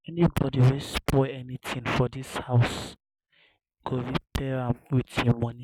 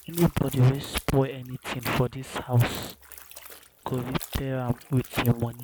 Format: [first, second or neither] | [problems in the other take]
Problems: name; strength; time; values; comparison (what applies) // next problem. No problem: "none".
first | background sound (Trickle, dribble / Splash, splatter); 17 dB below the speech